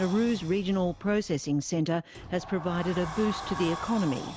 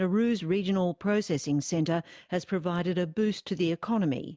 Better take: second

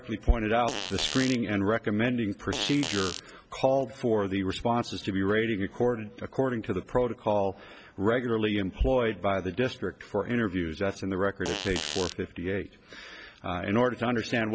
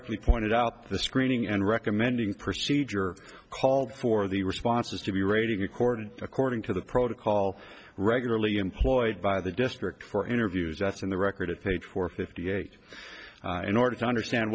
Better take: second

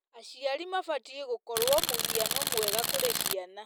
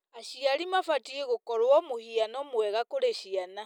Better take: second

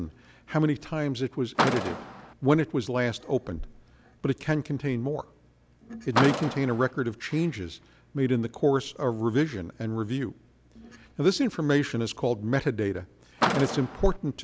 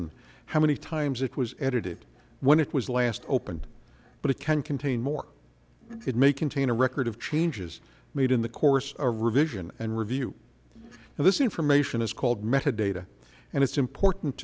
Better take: second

